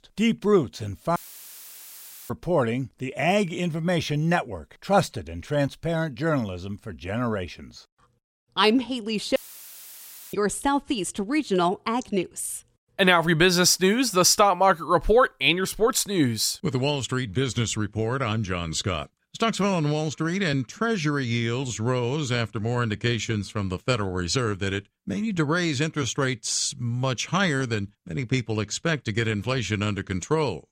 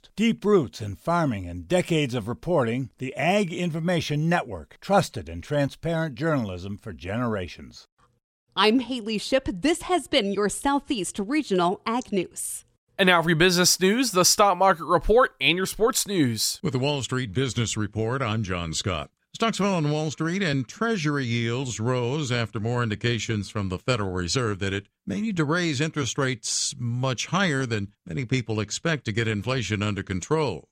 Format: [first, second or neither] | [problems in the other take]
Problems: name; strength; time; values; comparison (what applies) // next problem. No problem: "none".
second | audio cutting out; filled with static; at 1 s for 1 s and at 9.5 s for 1 s